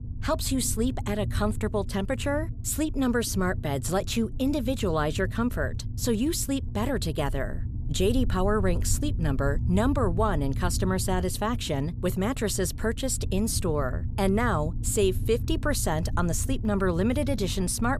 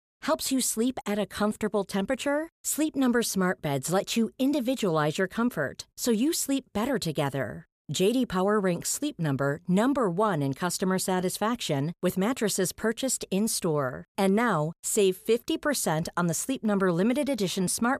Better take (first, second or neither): second